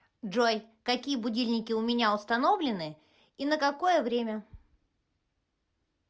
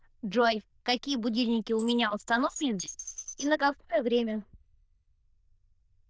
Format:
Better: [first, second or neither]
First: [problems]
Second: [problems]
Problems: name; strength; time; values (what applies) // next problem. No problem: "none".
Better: first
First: none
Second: noise reduction (neural diffusion model UNIVERSE++)